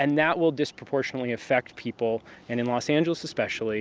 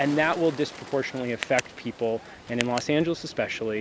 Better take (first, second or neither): first